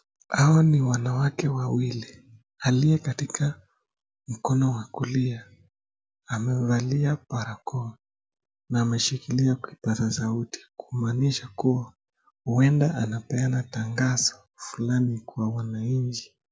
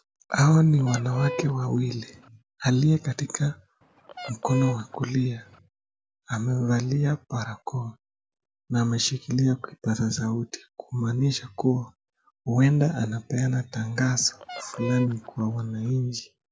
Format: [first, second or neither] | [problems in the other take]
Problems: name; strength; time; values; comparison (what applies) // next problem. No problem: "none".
first | background sound (Fowl); 13 dB below the speech